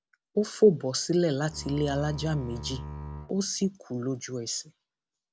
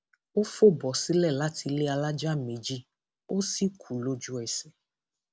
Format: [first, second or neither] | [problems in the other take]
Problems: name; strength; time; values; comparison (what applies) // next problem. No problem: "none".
second | background sound (Bowed string instrument); 11 dB below the speech